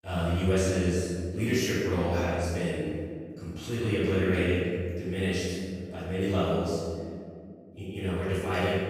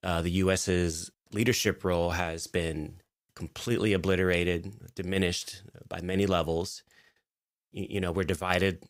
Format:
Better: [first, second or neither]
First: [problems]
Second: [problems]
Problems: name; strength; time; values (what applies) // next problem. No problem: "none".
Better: second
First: off-mic speech; far // room echo; strong; dies away in 2.1 s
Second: none